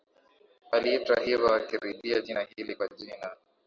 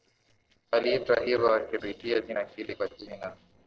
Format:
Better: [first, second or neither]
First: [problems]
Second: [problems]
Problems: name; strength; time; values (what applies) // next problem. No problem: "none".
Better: first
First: none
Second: noise reduction (neural separator model SepFormer DNS4)